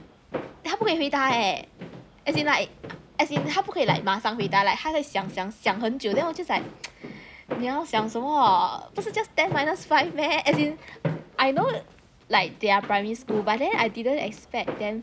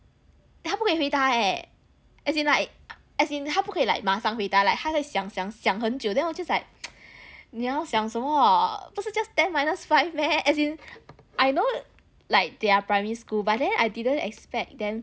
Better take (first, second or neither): second